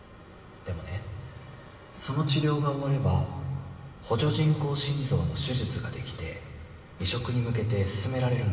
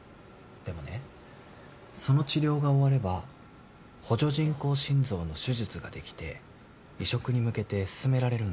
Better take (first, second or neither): second